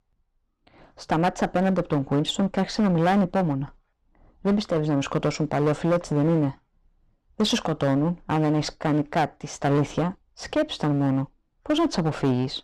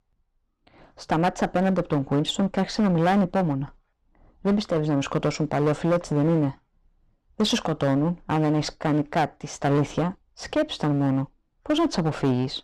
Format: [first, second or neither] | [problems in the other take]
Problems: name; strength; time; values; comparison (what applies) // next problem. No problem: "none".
neither | distortion; slight; 11% of the sound clipped; the same in both